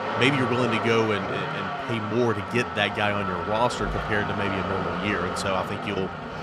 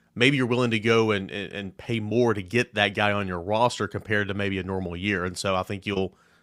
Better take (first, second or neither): second